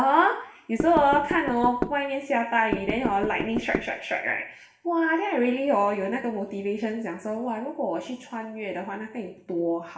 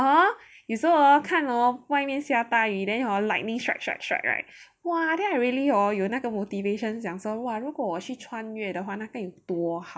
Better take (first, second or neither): second